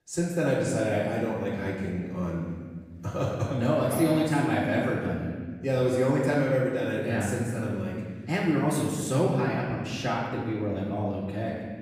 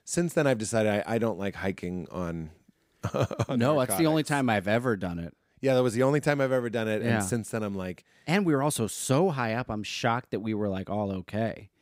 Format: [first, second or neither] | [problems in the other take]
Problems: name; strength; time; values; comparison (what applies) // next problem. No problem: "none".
second | room echo; noticeable; dies away in 1.9 s // off-mic speech; far